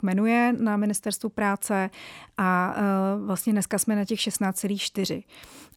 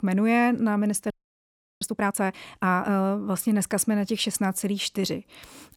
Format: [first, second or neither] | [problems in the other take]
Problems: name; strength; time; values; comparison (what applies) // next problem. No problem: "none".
first | audio freezing; at 1 s for 0.5 s